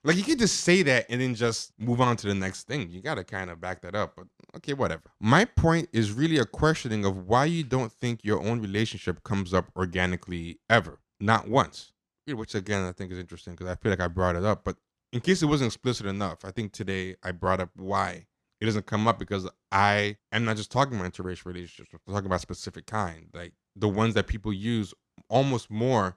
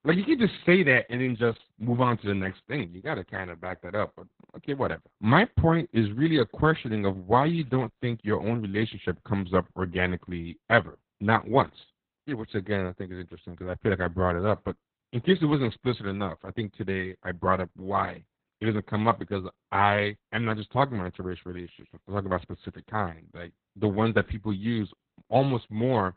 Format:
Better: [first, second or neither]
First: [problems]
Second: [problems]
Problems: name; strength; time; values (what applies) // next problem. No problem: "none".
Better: first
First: none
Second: garbled, watery; badly; nothing above 4 kHz